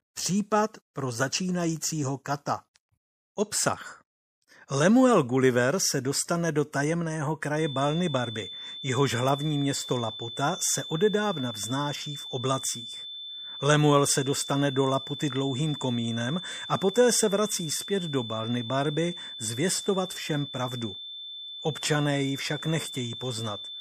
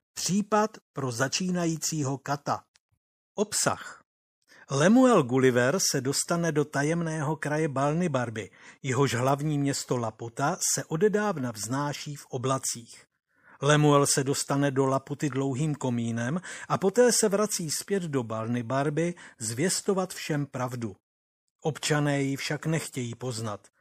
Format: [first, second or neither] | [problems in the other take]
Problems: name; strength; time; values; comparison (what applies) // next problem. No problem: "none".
second | high-pitched whine; loud; from 7.5 s on; 3.5 kHz, 9 dB below the speech